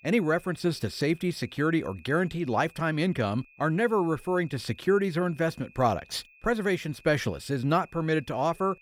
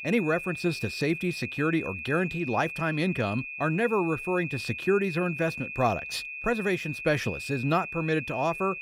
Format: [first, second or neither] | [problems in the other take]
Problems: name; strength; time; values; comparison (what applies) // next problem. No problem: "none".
first | high-pitched whine; loud; throughout; 2.5 kHz, 7 dB below the speech; faint in the first